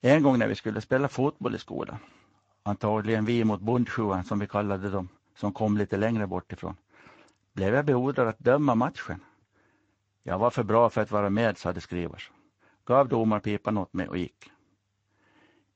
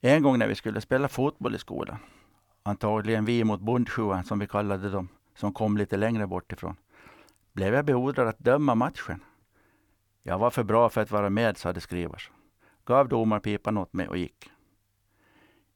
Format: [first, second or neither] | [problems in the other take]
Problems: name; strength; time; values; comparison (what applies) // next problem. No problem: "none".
second | garbled, watery; slightly; nothing above 7.5 kHz